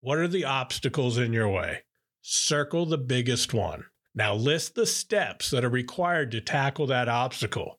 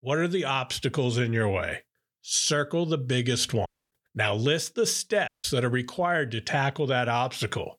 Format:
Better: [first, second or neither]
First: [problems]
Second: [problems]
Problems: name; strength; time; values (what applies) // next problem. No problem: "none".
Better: first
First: none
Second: audio cutting out; at 3.5 s and at 5.5 s